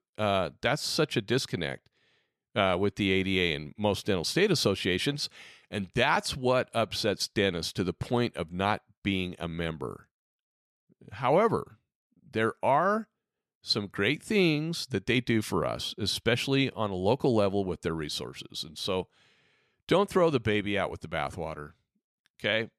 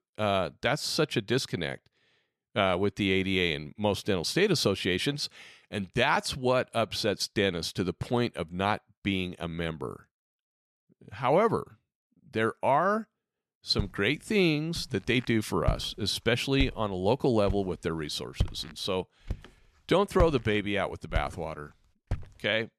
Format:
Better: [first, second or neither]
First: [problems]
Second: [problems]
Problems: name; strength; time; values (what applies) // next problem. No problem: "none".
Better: first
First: none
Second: footsteps; noticeable; from 14 to 22 s; peak 5 dB below the speech